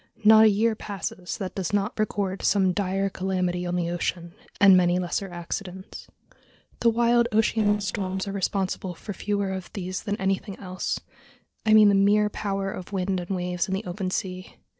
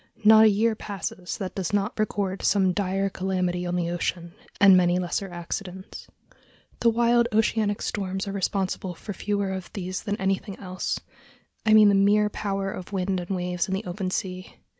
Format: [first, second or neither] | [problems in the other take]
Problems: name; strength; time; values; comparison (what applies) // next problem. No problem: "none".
second | noise reduction (neural separator model SepFormer DNS4)